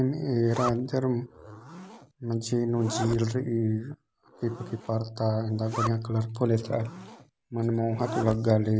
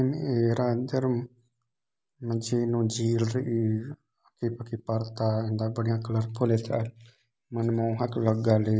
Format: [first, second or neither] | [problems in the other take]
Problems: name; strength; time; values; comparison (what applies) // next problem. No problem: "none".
second | background sound (Zipper (clothing)); 13 dB below the speech